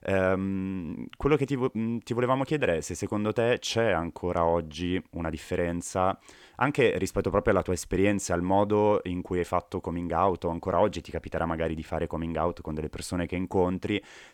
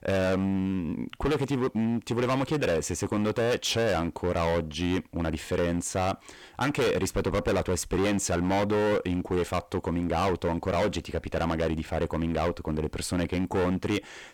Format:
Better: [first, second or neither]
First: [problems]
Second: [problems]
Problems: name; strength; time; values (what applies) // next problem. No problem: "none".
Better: first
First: none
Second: distortion; heavy; 17% of the sound clipped